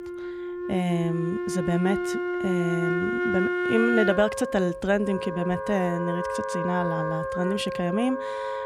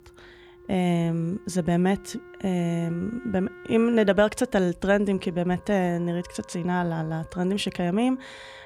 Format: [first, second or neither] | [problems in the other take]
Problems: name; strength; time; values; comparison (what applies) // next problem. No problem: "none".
second | background music; loud; throughout; 2 dB below the speech; faint in the second